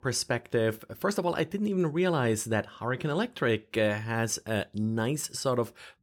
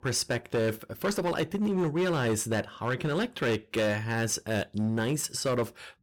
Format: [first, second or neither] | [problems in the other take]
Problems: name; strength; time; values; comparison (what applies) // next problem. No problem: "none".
first | distortion; slight; 12% of the sound clipped